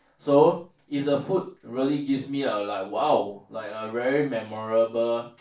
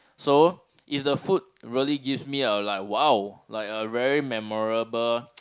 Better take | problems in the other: second | room echo; dies away in 0.3 s

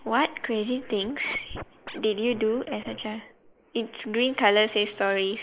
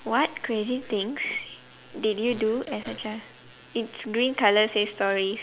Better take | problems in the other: second | noise reduction (neural mask model Resemble Enhance denoiser)

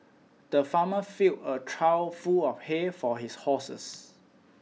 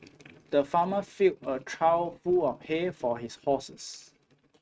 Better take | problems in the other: first | noise reduction (neural mask model RNNoise)

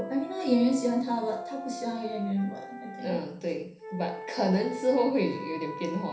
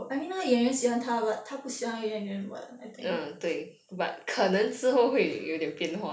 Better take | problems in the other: second | background sound (Wind instrument, woodwind instrument); 11 dB below the speech // room echo; dies away in 0.5 s

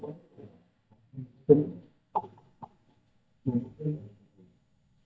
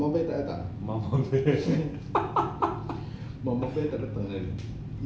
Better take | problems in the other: second | noise reduction (neural mask model DeepFilterNet 3)

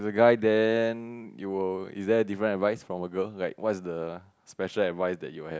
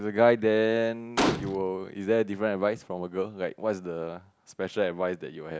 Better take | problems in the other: first | background sound (Gunshot, gunfire); 2 dB below the speech

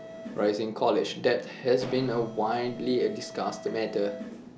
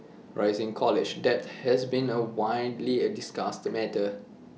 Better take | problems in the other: second | background sound (Mechanisms); 16 dB below the speech

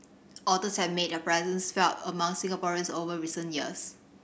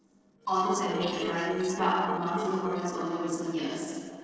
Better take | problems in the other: first | noise reduction (neural separator model SepFormer DNS4)

